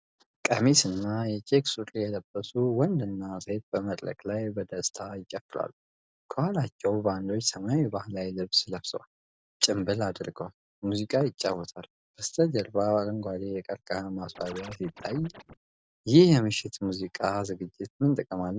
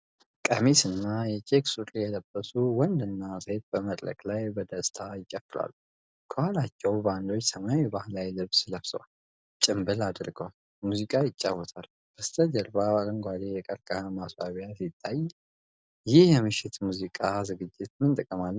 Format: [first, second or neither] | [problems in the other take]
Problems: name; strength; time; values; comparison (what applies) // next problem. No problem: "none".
second | background sound (Scratching (performance technique)); 17 dB below the speech